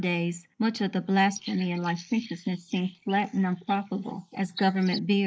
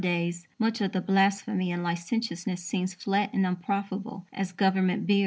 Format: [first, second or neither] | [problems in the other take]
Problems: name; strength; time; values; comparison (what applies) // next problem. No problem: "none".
second | noise reduction (neural mask model Resemble Enhance denoiser)